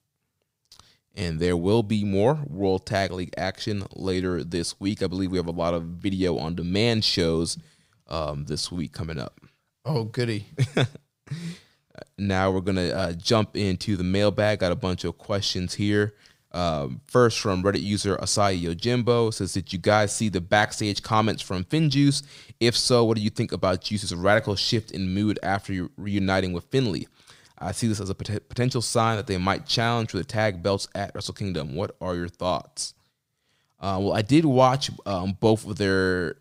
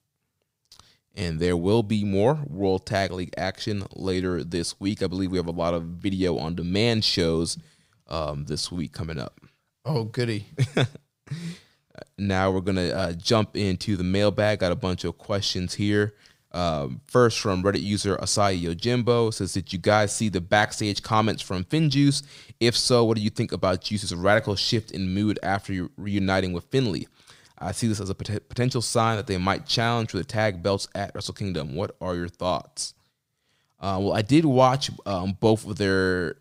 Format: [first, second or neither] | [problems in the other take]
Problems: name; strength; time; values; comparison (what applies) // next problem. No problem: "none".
neither | none